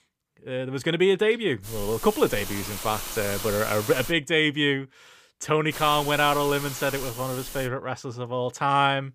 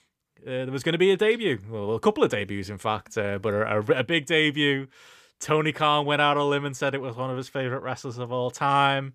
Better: second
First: hiss; loud; from 1.5 to 4 s and from 5.5 to 7.5 s; 9 dB below the speech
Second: none

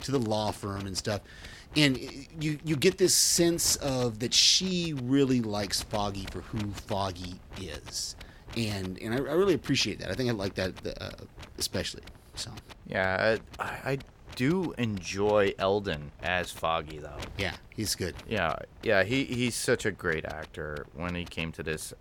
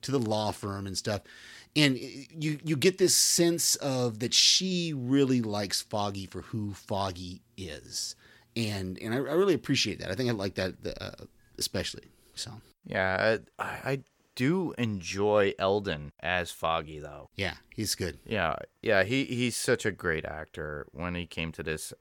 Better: second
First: wind noise on the microphone; occasional gusts; 20 dB below the speech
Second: none

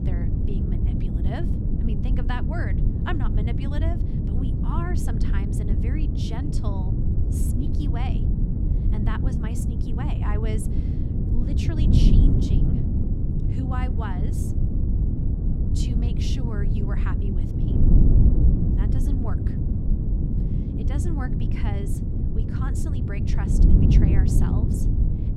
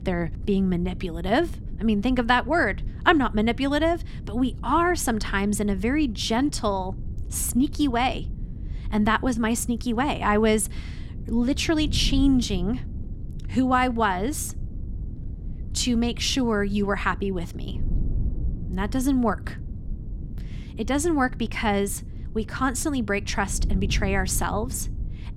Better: second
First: wind noise on the microphone; heavy; 2 dB above the speech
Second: wind noise on the microphone; occasional gusts; 20 dB below the speech

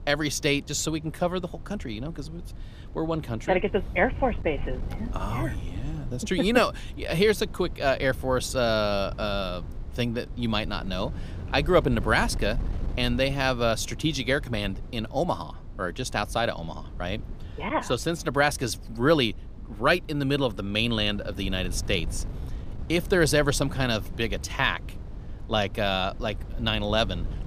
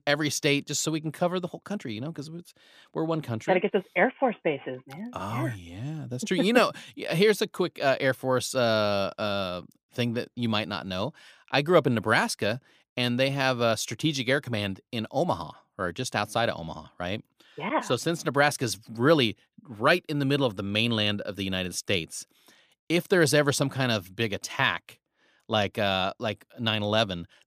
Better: second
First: wind noise on the microphone; occasional gusts; 25 dB below the speech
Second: none

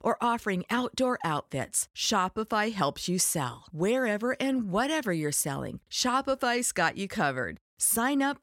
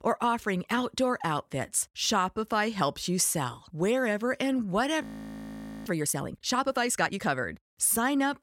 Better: first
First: none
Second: audio freezing; at 5 s for 1 s

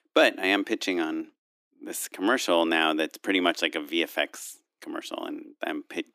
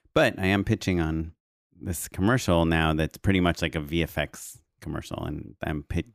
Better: second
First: thin; somewhat; fading below 300 Hz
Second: none

